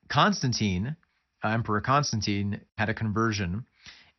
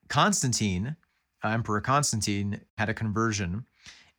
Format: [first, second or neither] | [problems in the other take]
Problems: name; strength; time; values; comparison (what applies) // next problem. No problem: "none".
second | garbled, watery; slightly; nothing above 6 kHz